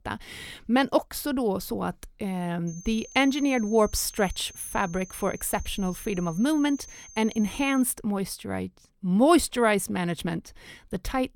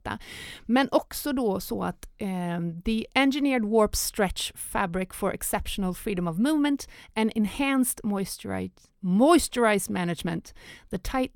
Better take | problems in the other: second | high-pitched whine; noticeable; from 2.5 to 8 s; 6.5 kHz, 20 dB below the speech

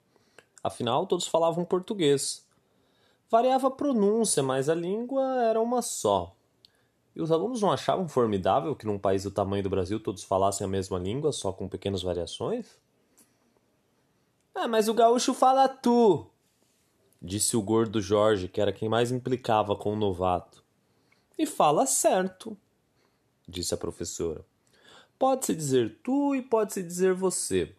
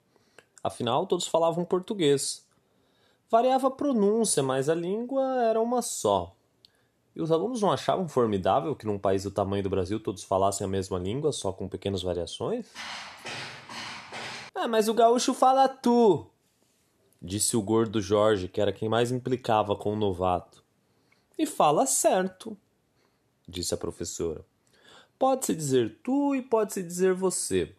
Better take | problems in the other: first | footsteps; faint; from 13 to 15 s; peak 10 dB below the speech

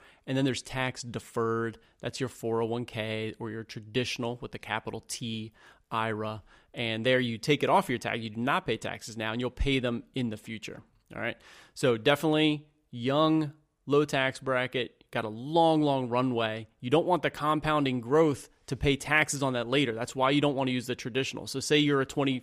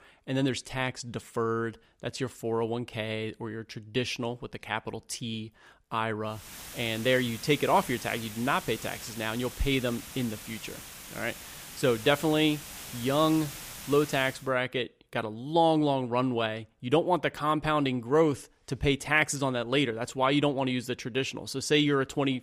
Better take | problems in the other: first | hiss; noticeable; from 6.5 to 14 s; 15 dB below the speech

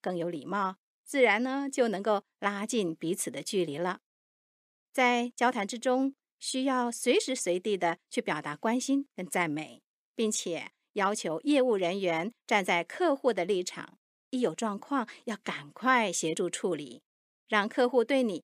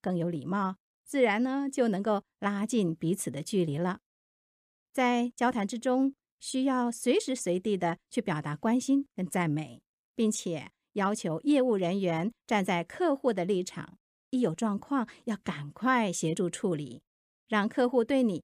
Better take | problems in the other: second | thin; very slightly; fading below 300 Hz

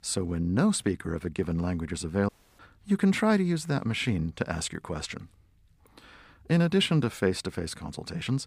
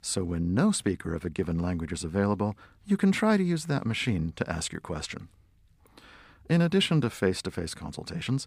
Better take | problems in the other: second | audio cutting out; at 2.5 s

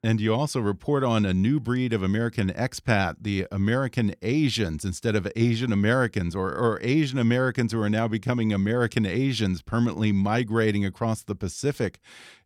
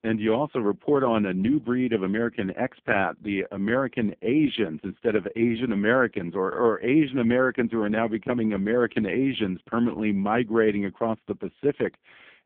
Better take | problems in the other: first | phone-call audio; poor line; nothing above 3.5 kHz

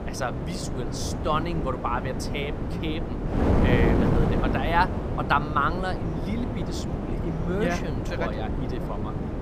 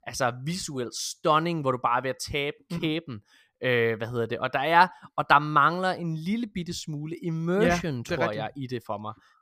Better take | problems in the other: second | wind noise on the microphone; heavy; 5 dB below the speech

